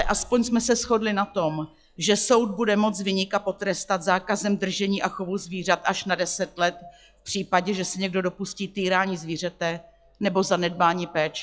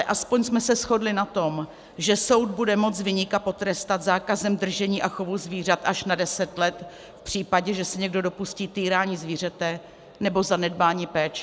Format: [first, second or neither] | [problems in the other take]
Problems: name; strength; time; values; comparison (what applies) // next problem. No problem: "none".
second | noise reduction (classical method log-MMSE)